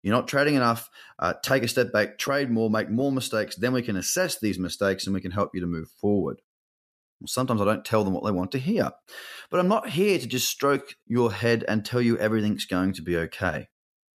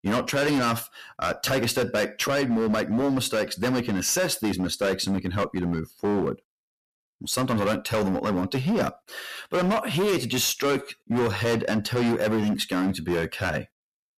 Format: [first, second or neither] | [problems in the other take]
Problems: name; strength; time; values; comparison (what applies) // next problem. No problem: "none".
first | distortion; heavy; 17% of the sound clipped